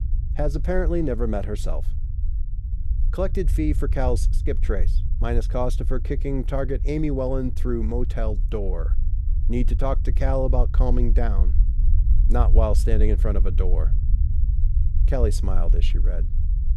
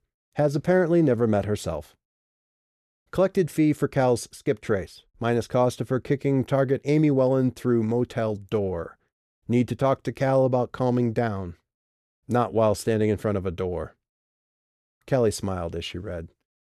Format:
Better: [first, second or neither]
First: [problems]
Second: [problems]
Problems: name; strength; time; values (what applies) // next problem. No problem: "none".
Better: second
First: low rumble; noticeable; throughout; 15 dB below the speech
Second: none